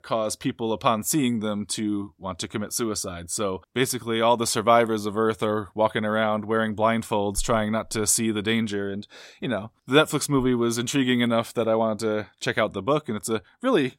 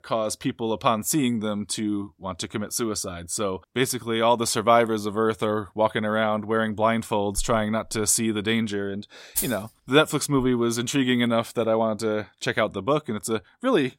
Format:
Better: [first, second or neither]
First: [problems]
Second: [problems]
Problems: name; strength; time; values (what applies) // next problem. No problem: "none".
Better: first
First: none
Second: jangling keys; noticeable; at 9.5 s; peak 3 dB below the speech